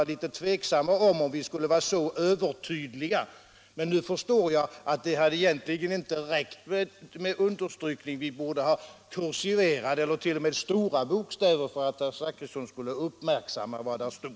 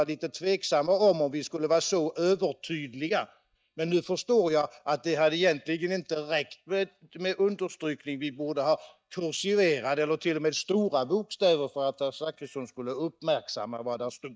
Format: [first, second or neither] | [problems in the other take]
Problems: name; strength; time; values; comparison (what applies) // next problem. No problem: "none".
first | noise reduction (neural mask model DeepFilterNet 3)